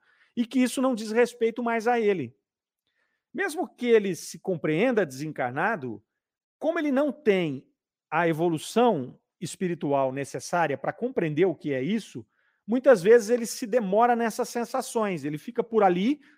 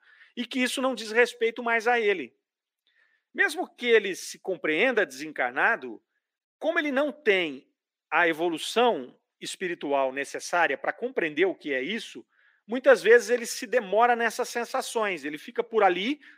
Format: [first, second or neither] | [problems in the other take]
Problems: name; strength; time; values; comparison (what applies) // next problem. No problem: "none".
first | thin; somewhat; fading below 300 Hz